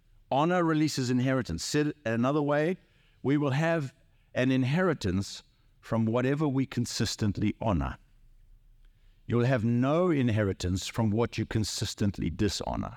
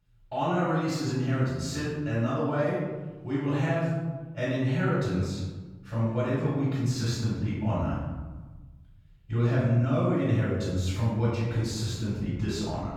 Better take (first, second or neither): first